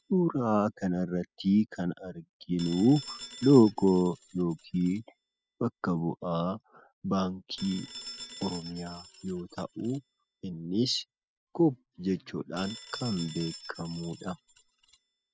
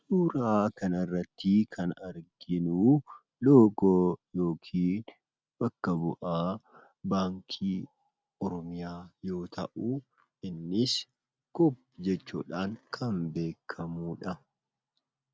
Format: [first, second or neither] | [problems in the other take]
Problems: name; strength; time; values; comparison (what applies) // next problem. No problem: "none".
second | noise reduction (classical method spectral subtraction)